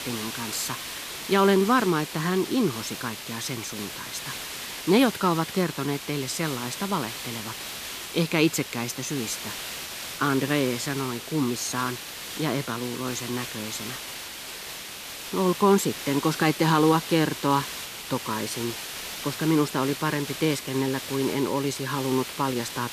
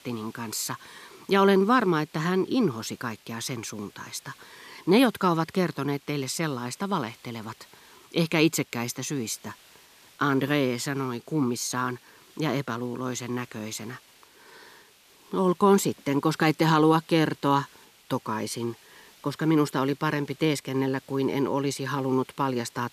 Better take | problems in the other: second | hiss; loud; throughout; 8 dB below the speech; faint in the second

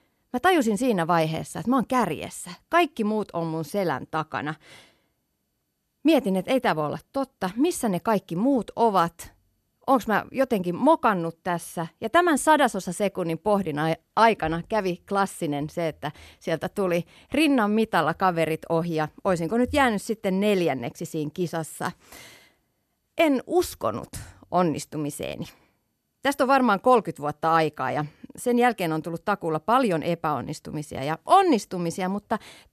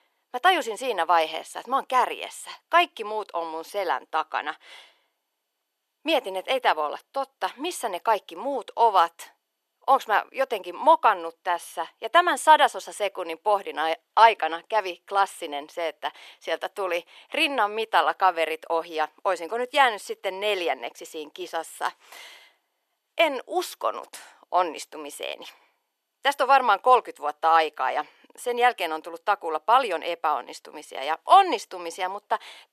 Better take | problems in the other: first | thin; very; fading below 400 Hz

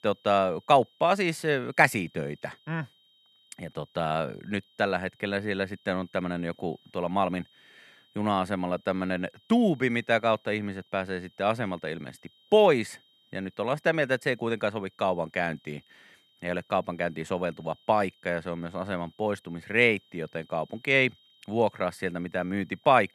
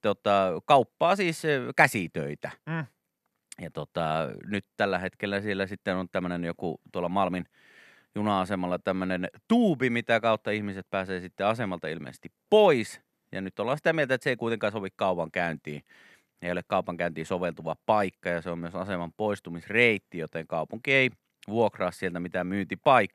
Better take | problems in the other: second | high-pitched whine; faint; throughout; 3 kHz, 35 dB below the speech

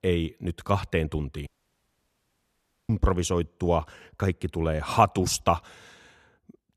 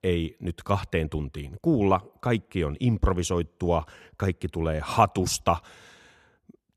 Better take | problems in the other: second | audio cutting out; at 1.5 s for 1.5 s

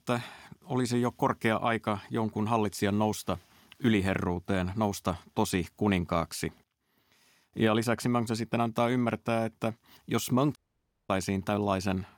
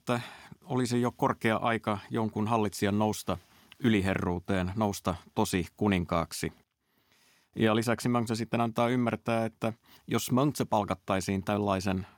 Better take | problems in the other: second | audio cutting out; at 11 s for 0.5 s

